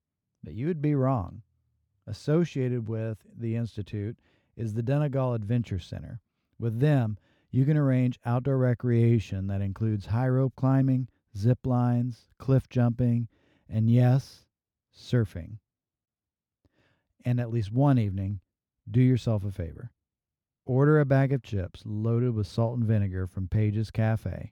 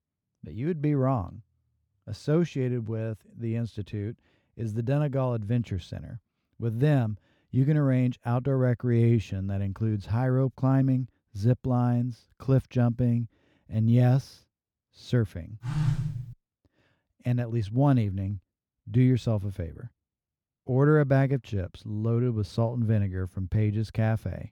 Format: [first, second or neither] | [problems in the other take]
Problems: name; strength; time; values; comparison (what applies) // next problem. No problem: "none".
first | phone ringing; noticeable; at 16 s; peak 1 dB below the speech